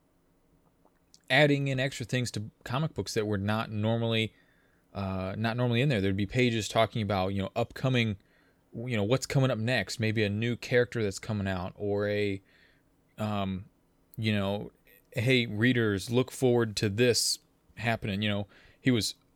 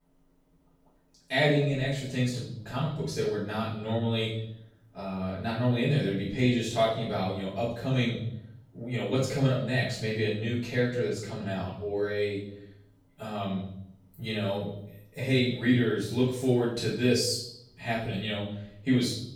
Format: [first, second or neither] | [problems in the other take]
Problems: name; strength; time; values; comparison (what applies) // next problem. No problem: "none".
first | room echo; noticeable; dies away in 0.7 s // off-mic speech; far